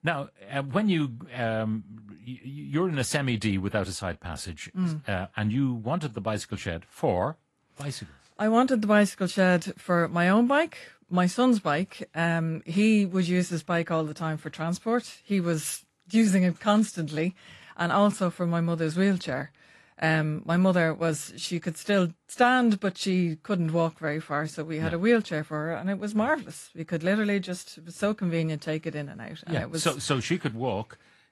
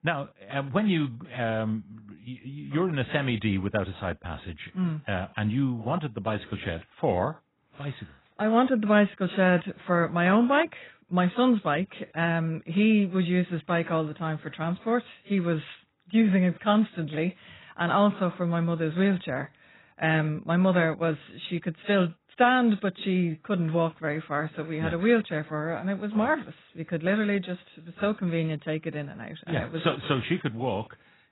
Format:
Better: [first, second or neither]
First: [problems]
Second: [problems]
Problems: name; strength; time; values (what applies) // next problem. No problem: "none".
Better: first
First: garbled, watery; slightly; nothing above 11.5 kHz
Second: garbled, watery; badly; nothing above 4 kHz